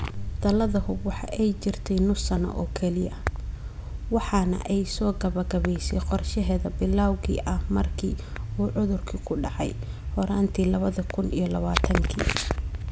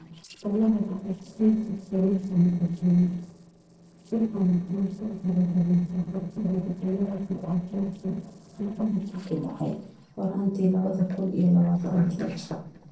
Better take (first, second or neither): first